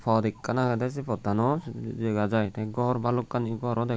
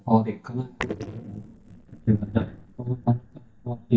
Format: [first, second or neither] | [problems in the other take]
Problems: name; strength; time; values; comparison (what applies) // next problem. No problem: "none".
first | noise reduction (neural mask model DeepFilterNet 3)